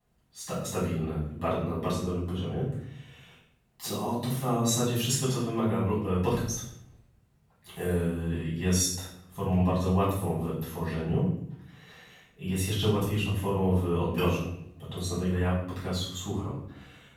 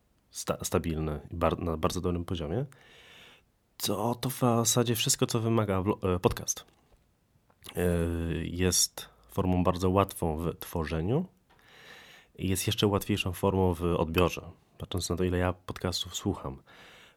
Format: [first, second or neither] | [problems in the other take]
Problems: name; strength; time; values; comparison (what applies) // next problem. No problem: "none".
second | off-mic speech; far // room echo; noticeable; dies away in 0.7 s